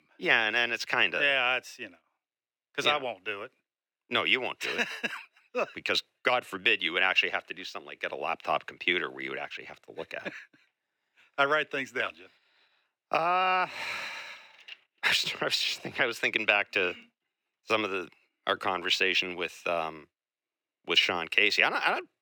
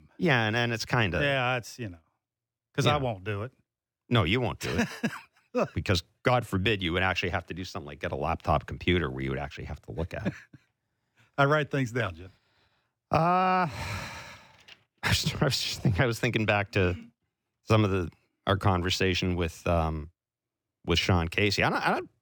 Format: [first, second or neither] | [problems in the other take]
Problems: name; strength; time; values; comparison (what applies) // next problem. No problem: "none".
second | thin; very; fading below 400 Hz